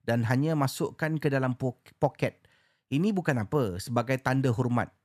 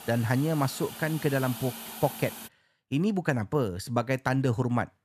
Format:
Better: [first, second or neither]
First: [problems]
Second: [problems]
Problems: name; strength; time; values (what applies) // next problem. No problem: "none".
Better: first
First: none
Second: hiss; noticeable; until 2.5 s; 10 dB below the speech